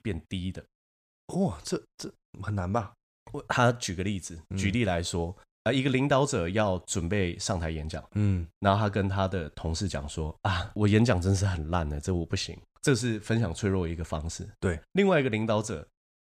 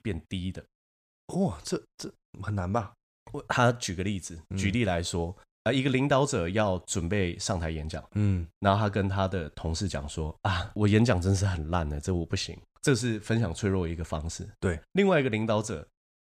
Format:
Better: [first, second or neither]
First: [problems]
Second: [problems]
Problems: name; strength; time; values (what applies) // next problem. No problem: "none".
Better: neither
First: none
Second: none